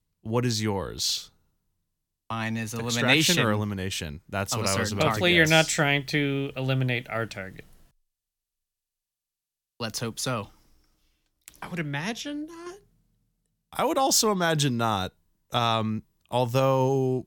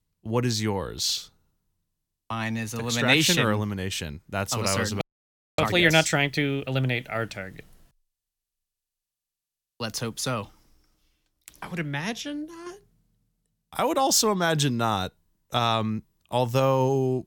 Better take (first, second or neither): first